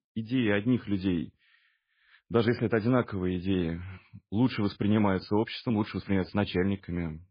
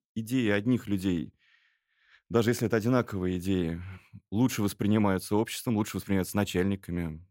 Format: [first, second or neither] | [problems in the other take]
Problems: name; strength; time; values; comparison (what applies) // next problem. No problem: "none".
second | garbled, watery; badly